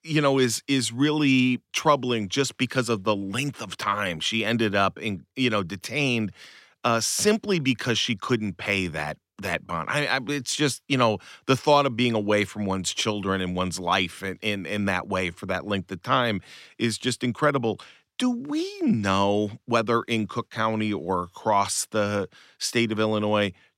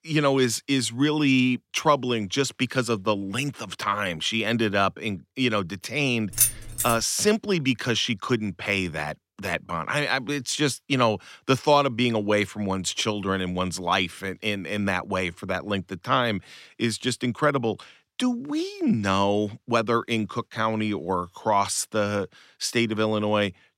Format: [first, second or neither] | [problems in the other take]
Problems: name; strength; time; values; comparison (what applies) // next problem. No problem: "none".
first | jangling keys; loud; at 6.5 s; peak 4 dB above the speech